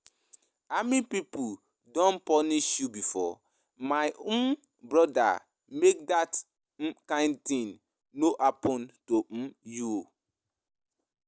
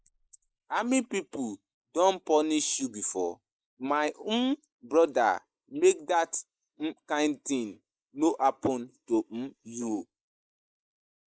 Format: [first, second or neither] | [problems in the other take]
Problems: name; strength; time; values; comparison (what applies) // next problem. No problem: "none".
first | noise reduction (neural mask model Resemble Enhance denoiser)